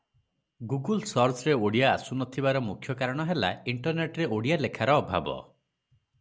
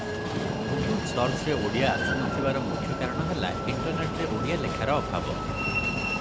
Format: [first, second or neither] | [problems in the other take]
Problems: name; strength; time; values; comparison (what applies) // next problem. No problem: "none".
first | background sound (Train); 2 dB above the speech